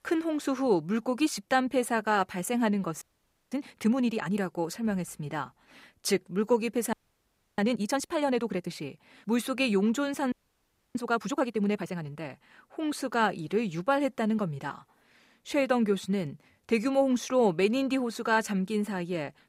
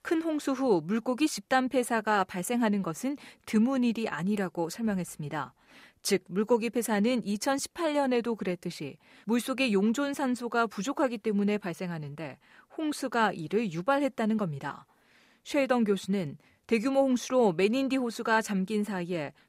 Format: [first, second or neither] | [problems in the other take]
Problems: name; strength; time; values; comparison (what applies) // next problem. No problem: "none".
second | audio freezing; at 3 s, at 7 s for 0.5 s and at 10 s for 0.5 s